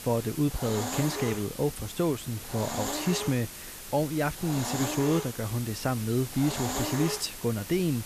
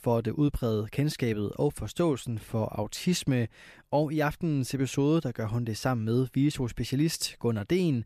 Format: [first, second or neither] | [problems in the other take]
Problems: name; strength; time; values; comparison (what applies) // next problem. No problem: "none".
second | hiss; loud; throughout; 6 dB below the speech